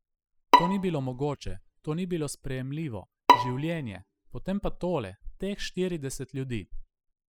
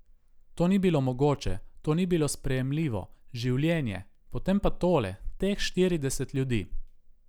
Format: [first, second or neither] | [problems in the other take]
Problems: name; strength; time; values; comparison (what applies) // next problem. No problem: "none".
second | noise reduction (classical method spectral subtraction)